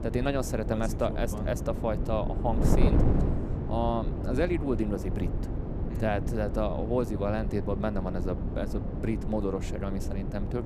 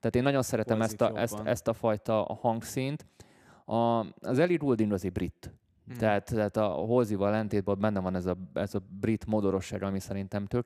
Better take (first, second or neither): second